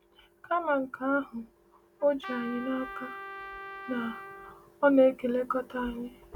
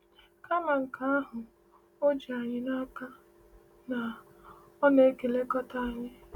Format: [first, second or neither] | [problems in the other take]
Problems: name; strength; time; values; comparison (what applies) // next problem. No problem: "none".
second | background sound (Trumpet); 13 dB below the speech